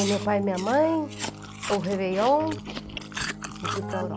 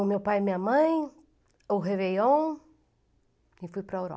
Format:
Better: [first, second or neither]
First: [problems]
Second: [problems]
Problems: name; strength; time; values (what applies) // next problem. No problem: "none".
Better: second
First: background sound (Chewing, mastication + Keyboard (musical)); 7 dB below the speech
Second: none